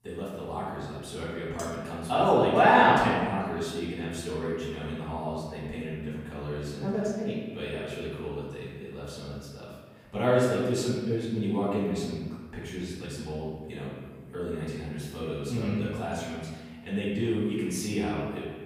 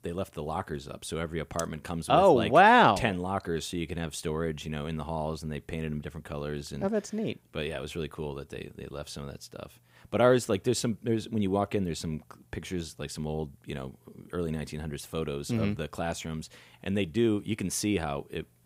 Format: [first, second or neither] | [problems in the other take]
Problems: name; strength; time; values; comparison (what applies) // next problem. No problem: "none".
second | off-mic speech; far // room echo; noticeable; dies away in 1.3 s